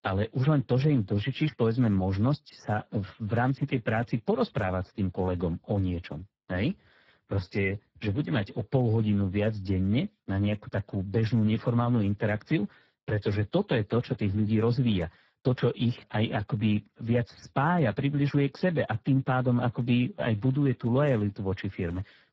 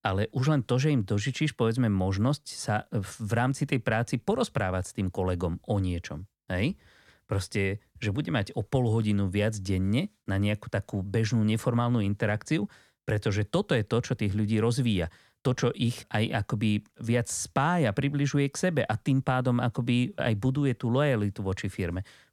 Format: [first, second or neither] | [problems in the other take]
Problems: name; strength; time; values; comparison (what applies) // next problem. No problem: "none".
second | garbled, watery; badly; nothing above 18.5 kHz